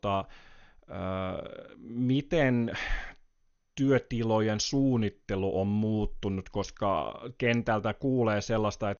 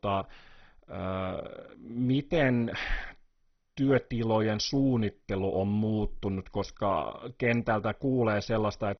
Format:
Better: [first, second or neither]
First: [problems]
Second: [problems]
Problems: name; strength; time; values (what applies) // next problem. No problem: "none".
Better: first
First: garbled, watery; slightly; nothing above 6.5 kHz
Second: garbled, watery; badly; nothing above 6 kHz